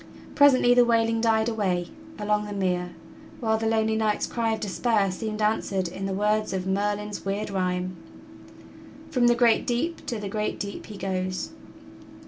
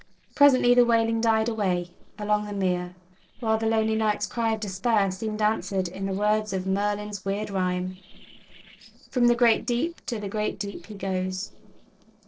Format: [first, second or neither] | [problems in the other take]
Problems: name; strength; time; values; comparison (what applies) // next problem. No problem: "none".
first | noise reduction (neural separator model SepFormer DNS4)